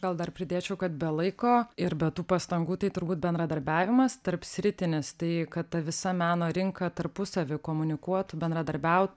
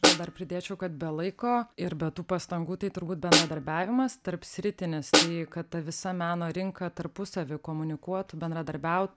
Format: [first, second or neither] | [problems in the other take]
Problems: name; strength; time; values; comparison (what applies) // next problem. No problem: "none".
first | background sound (Snare drum); 2 dB above the speech